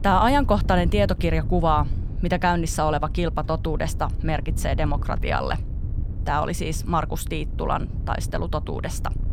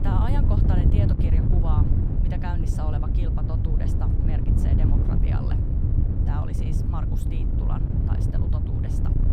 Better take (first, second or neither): first